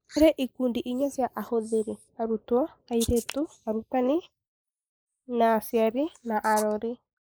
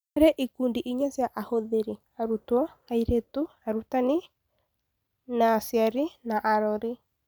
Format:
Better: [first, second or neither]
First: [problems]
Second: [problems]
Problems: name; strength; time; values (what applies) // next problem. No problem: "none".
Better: second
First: noise reduction (neural mask model Resemble Enhance denoiser)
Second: none